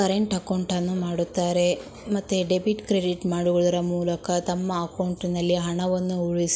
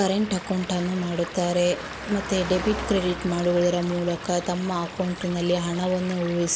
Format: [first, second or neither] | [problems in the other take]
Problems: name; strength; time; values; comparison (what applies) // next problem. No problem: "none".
first | background sound (Stream / Liquid + Car passing by); 11 dB below the speech